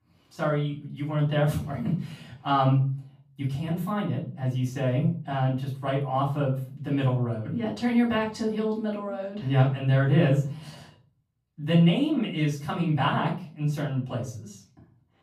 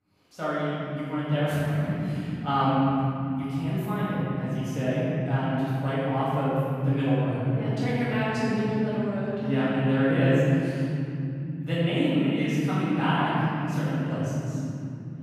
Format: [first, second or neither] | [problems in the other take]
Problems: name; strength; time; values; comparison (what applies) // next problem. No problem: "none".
first | room echo; strong; dies away in 3 s; slight in the first // off-mic speech; far; far in the first